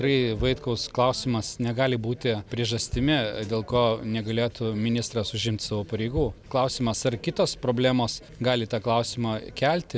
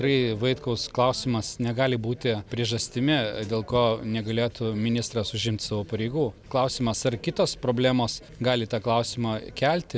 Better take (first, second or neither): second